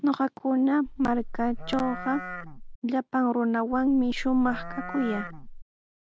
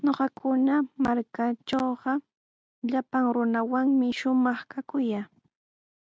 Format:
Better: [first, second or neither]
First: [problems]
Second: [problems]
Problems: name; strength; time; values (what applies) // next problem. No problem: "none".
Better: second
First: background sound (Livestock, farm animals, working animals); 9 dB below the speech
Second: none